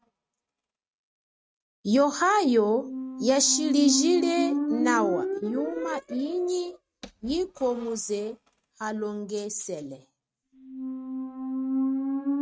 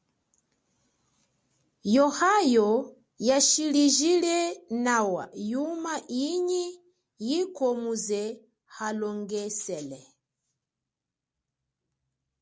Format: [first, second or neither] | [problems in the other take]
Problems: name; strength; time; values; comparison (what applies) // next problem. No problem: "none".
second | noise reduction (neural mask model RNNoise)